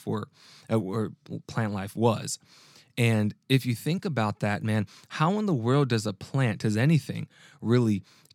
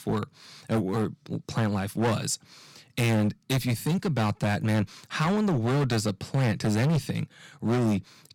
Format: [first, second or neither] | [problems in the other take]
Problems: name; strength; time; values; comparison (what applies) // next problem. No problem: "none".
first | distortion; heavy; 16% of the sound clipped